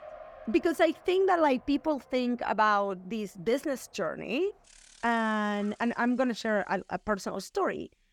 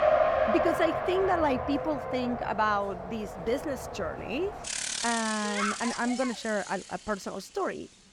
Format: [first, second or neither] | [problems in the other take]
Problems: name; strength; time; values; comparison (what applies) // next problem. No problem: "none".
first | traffic noise; loud; throughout; 1 dB below the speech; faint in the first